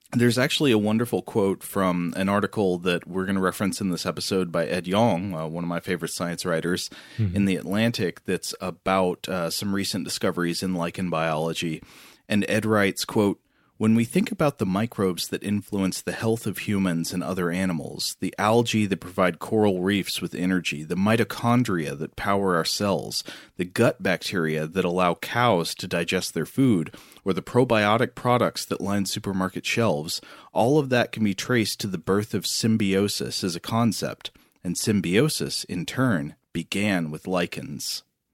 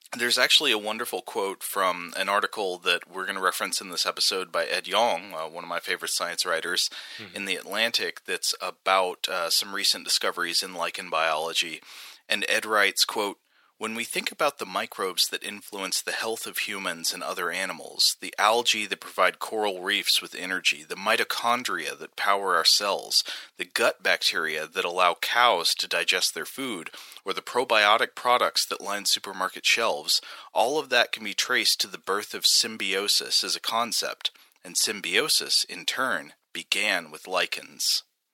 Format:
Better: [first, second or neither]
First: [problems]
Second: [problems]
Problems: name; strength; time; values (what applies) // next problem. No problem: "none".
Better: first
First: none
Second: thin; very; fading below 750 Hz